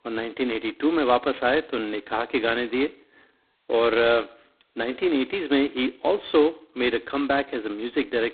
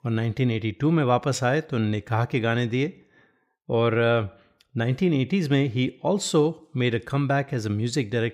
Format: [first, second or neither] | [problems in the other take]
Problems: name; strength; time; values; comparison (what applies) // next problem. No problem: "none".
second | phone-call audio; poor line; nothing above 4 kHz